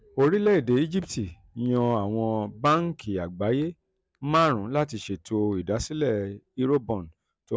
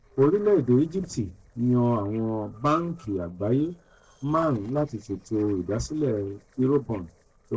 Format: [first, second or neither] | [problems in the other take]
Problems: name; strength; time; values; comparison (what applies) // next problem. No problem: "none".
first | noise reduction (neural separator model SepFormer DNS4)